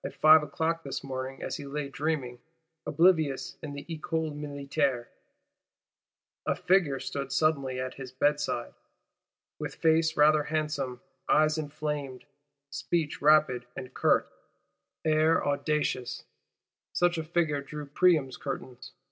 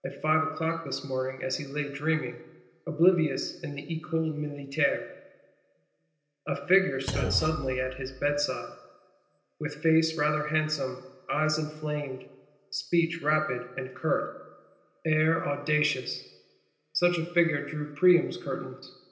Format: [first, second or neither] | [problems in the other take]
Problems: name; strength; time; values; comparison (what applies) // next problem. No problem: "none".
first | background sound (Thump, thud); 6 dB below the speech // room echo; dies away in 0.8 s